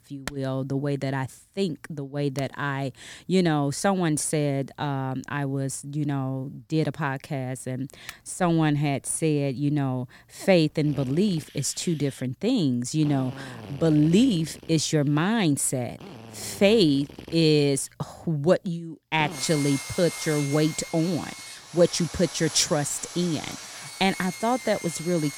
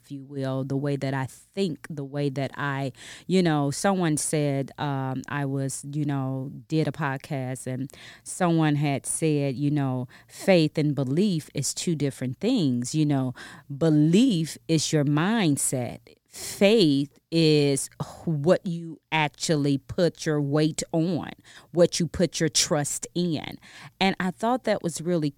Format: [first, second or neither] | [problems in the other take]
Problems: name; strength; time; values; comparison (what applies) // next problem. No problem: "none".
second | machinery noise; noticeable; throughout; 15 dB below the speech